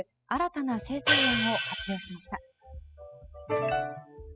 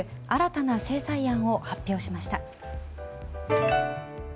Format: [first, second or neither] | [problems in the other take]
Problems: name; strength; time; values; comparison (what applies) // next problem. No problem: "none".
second | noise reduction (classical method spectral subtraction)